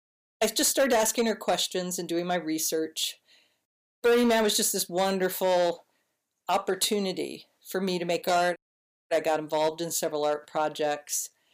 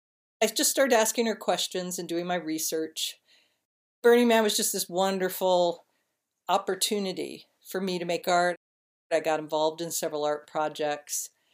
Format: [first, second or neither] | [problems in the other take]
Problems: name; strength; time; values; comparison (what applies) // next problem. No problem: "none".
second | distortion; slight; 4% of the sound clipped